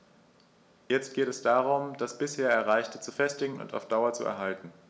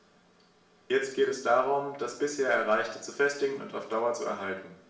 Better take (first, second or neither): first